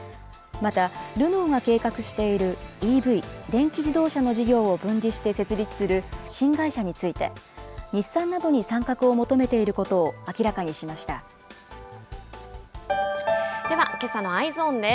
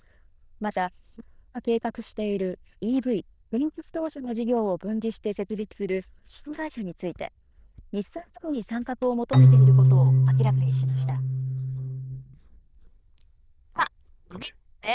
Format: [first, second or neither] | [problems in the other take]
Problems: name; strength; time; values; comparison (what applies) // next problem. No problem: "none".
first | noise reduction (neural diffusion model UNIVERSE++)